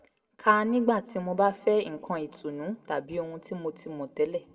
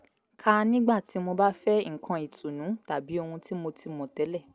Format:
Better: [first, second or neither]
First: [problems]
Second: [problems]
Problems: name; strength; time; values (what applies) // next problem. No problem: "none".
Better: second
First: room echo; dies away in 0.7 s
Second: none